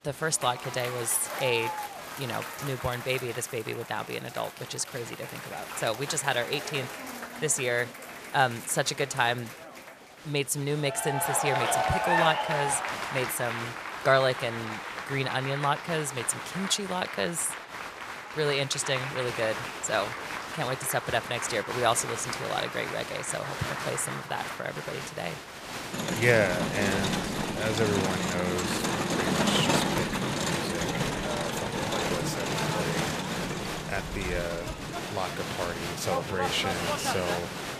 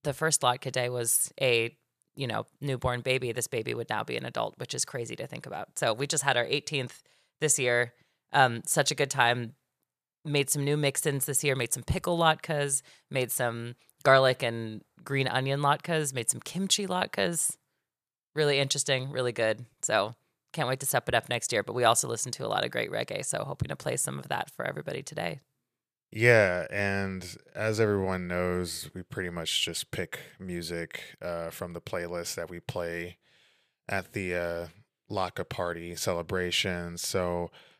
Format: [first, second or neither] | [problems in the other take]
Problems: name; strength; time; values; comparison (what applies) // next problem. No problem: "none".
second | crowd noise; loud; throughout; 2 dB below the speech